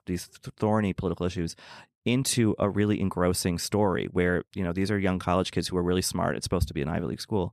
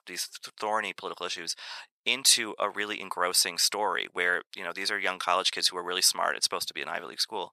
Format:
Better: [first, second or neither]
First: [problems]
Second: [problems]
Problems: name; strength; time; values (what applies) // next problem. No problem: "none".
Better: first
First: none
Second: thin; very; fading below 950 Hz